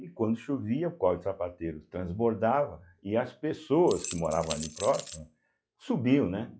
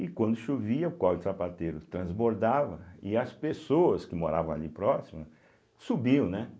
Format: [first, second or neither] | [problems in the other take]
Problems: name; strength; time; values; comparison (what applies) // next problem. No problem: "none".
second | noise reduction (classical method log-MMSE)